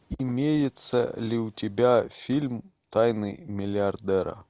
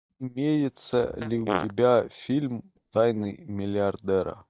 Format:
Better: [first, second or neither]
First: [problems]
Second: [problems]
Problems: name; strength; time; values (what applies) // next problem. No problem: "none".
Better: first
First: none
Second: noise reduction (neural mask model DeepFilterNet 3)